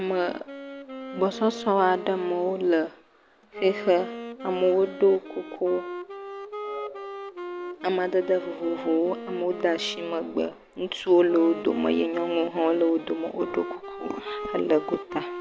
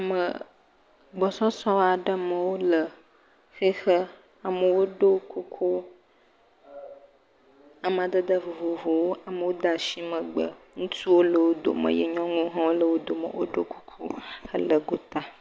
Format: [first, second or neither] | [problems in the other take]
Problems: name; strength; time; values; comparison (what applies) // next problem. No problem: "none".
second | background sound (Wind instrument, woodwind instrument); 12 dB below the speech